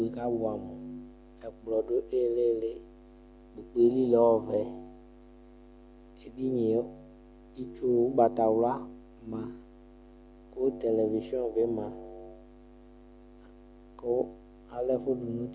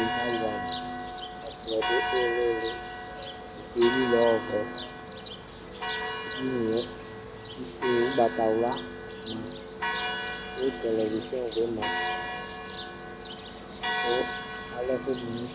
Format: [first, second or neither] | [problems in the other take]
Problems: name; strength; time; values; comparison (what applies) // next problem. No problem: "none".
first | background sound (Church bell); 4 dB below the speech